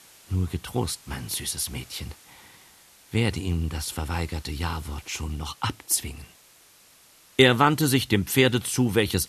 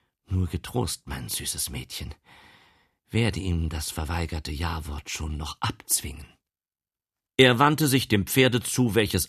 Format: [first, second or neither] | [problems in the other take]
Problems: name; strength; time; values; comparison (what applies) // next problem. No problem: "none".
second | hiss; faint; throughout; 25 dB below the speech